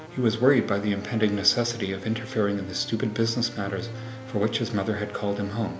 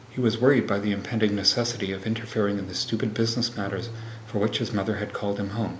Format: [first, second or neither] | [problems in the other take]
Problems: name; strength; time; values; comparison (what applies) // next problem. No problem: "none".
second | background sound (Wind instrument, woodwind instrument); 16 dB below the speech